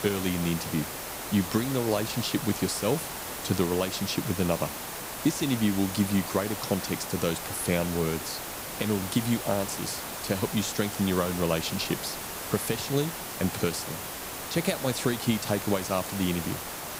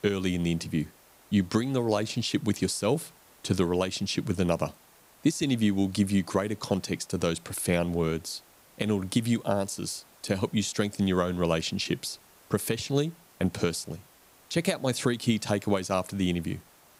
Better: second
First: hiss; loud; throughout; 5 dB below the speech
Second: hiss; faint; throughout; 25 dB below the speech

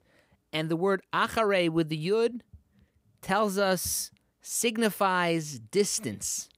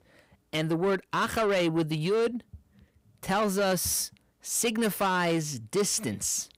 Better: first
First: none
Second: distortion; slight; 10 dB below the speech

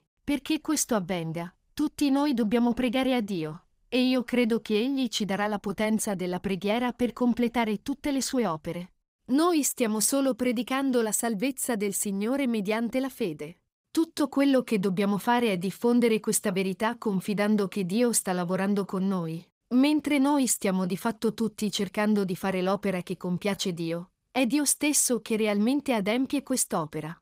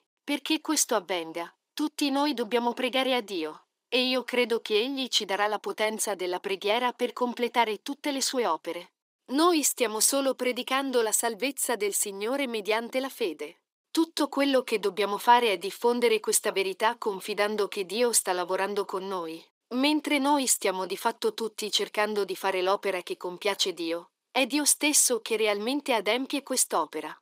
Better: first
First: none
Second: thin; somewhat; fading below 350 Hz

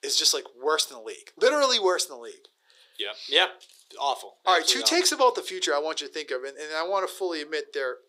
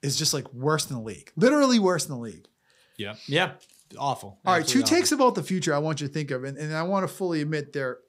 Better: second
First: thin; very; fading below 350 Hz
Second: none

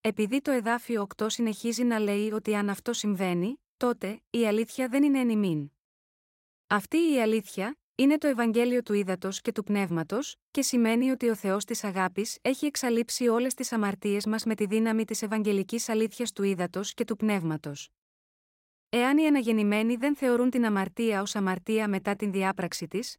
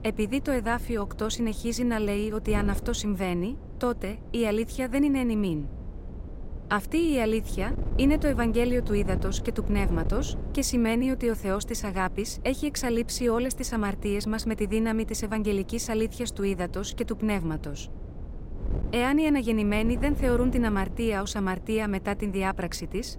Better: first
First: none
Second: wind noise on the microphone; occasional gusts; 15 dB below the speech

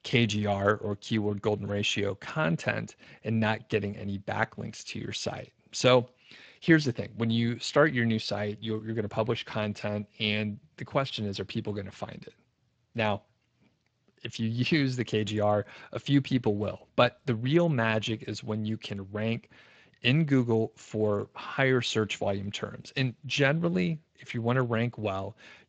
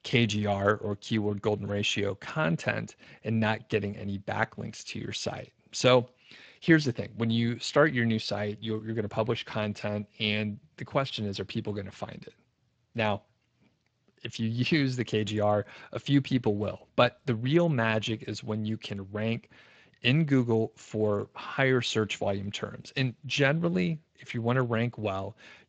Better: neither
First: garbled, watery; slightly; nothing above 7.5 kHz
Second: garbled, watery; slightly; nothing above 7.5 kHz

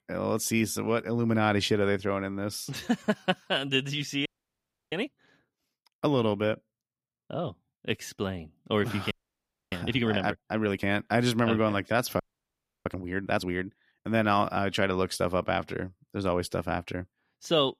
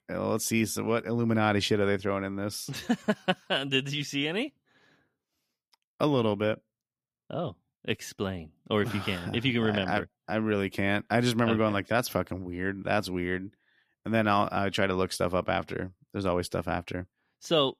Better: second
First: audio freezing; at 4.5 s for 0.5 s, at 9 s for 0.5 s and at 12 s for 0.5 s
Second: none

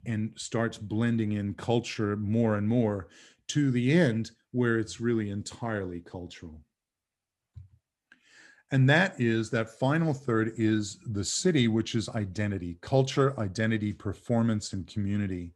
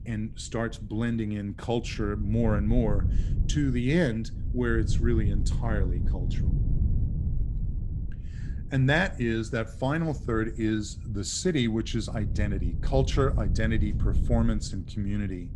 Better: first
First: none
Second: wind noise on the microphone; occasional gusts; 15 dB below the speech

